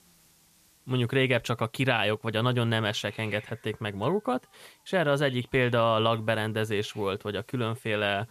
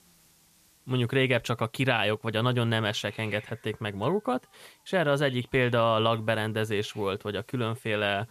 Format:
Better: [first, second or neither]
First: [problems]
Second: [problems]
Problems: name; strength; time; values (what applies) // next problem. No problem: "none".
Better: neither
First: hiss; faint; throughout; 30 dB below the speech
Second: hiss; faint; throughout; 30 dB below the speech